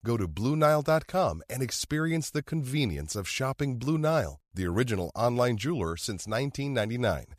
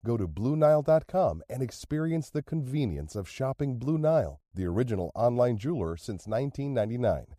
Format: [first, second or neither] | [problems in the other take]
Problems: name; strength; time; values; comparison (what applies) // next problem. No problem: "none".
first | muffled; slightly; fading above 1 kHz